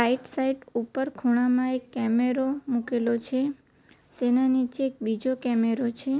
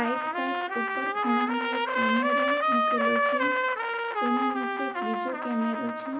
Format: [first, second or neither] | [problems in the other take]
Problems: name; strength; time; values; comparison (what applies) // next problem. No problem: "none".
first | background sound (Trumpet); 5 dB above the speech // room echo; dies away in 0.8 s